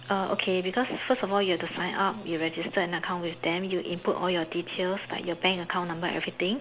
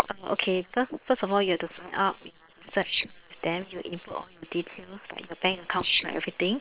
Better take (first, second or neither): first